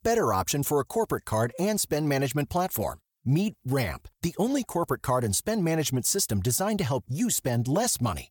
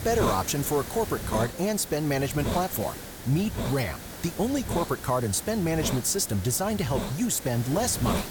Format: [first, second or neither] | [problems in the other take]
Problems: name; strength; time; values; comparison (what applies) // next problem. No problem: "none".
first | hiss; loud; throughout; 7 dB below the speech